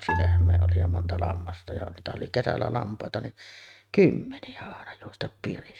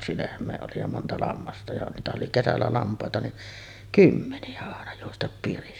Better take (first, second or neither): second